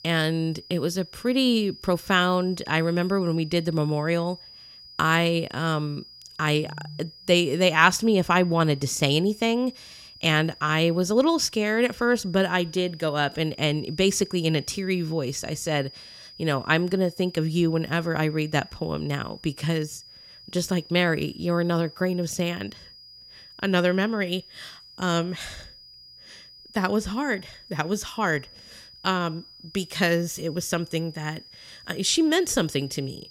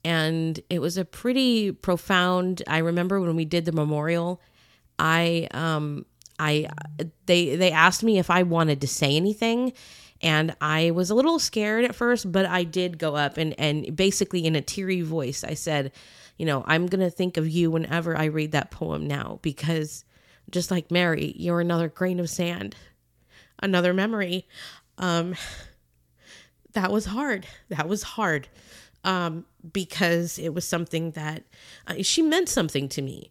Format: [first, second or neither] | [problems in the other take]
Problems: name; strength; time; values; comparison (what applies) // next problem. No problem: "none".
second | high-pitched whine; noticeable; throughout; 5 kHz, 20 dB below the speech